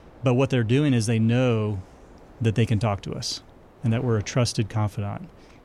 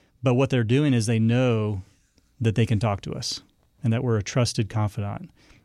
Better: second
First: wind noise on the microphone; occasional gusts; 20 dB below the speech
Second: none

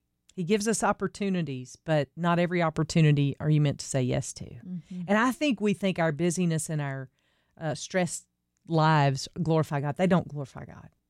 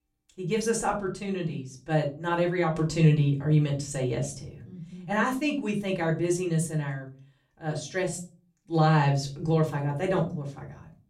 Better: first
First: none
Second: off-mic speech; far // room echo; very slight; dies away in 0.3 s

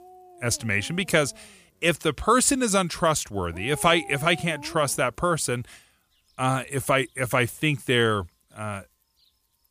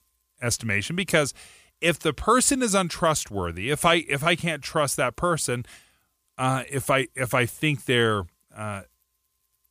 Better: second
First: animal sounds; faint; throughout; 20 dB below the speech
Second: none

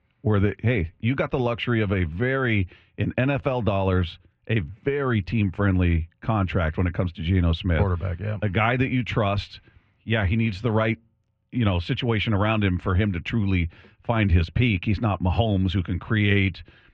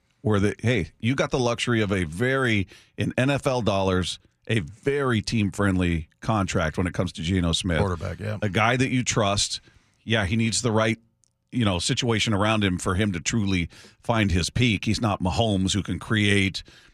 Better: second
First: muffled; very; fading above 3 kHz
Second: none

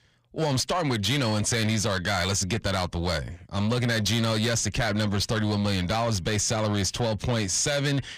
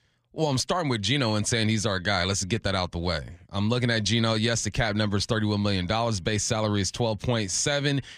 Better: second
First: distortion; slight; 10 dB below the speech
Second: none

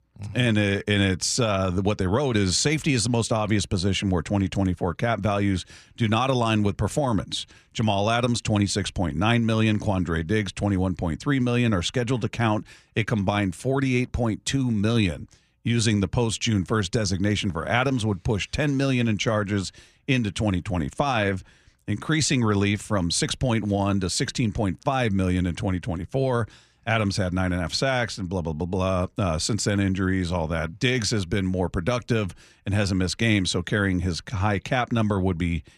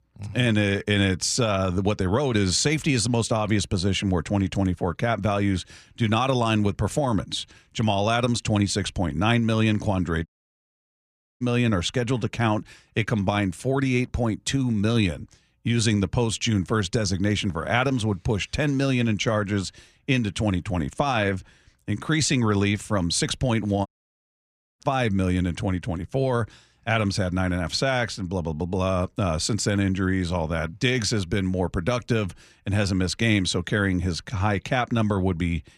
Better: first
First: none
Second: audio cutting out; at 10 s for 1 s and at 24 s for 1 s

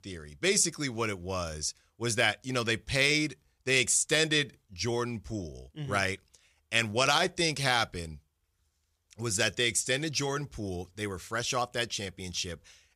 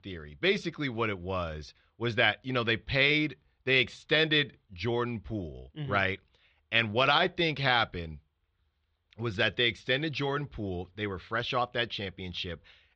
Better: first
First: none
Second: muffled; very; fading above 4 kHz

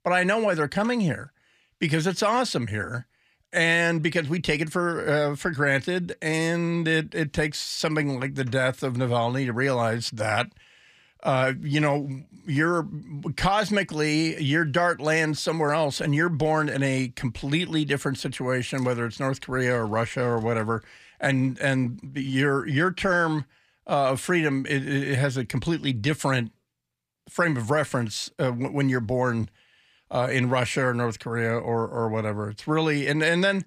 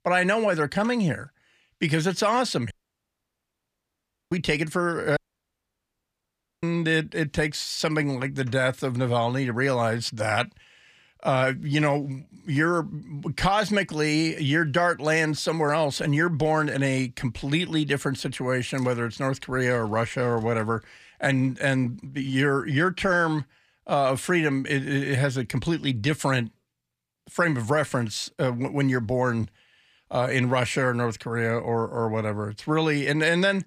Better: first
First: none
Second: audio cutting out; at 2.5 s for 1.5 s and at 5 s for 1.5 s

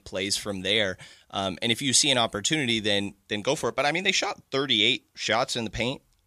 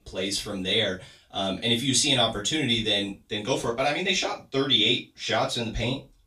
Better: first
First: none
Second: off-mic speech; far // room echo; very slight; dies away in 0.2 s

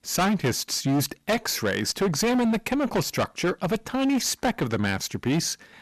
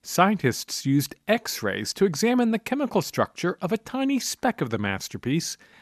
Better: second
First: distortion; heavy; 16% of the sound clipped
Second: none

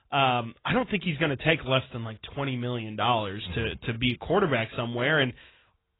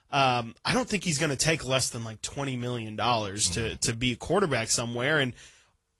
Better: second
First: garbled, watery; badly; nothing above 3.5 kHz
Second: garbled, watery; slightly; nothing above 11 kHz

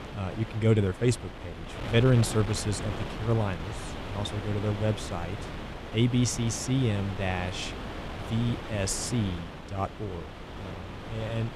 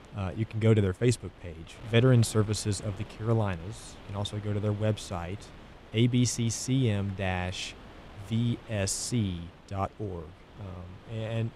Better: second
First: wind noise on the microphone; heavy; 6 dB below the speech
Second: wind noise on the microphone; occasional gusts; 15 dB below the speech

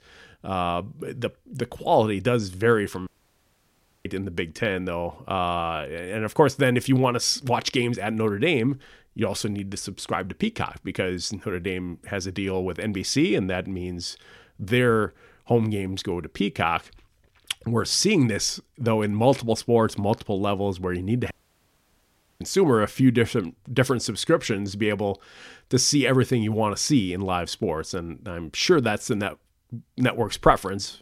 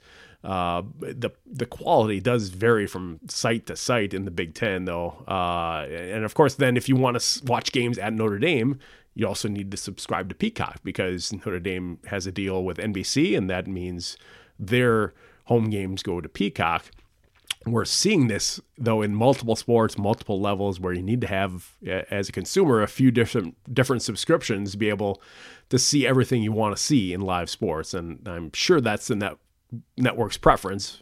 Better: second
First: audio cutting out; at 3 s for 1 s and at 21 s for 1 s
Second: none

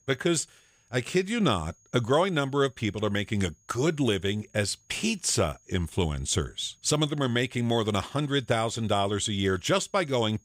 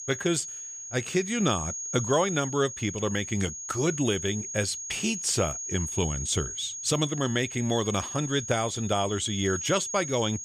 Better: first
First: high-pitched whine; faint; throughout; 6.5 kHz, 35 dB below the speech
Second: high-pitched whine; loud; throughout; 6.5 kHz, 6 dB below the speech

